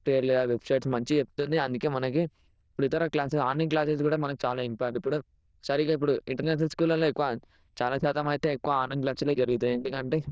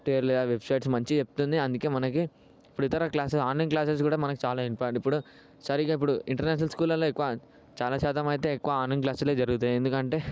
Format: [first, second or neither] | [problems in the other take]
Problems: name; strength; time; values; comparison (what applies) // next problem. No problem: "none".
second | noise reduction (neural diffusion model UNIVERSE++)